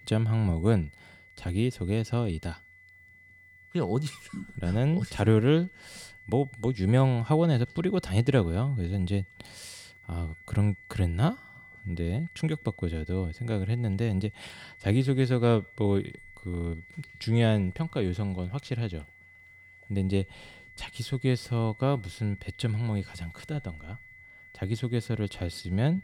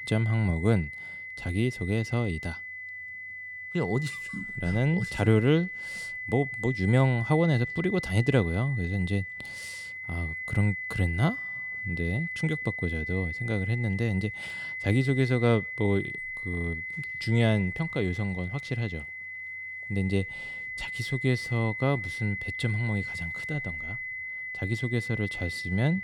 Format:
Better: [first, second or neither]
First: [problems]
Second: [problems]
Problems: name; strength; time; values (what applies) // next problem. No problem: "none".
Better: first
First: high-pitched whine; faint; throughout; 2 kHz, 20 dB below the speech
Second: high-pitched whine; loud; throughout; 2 kHz, 6 dB below the speech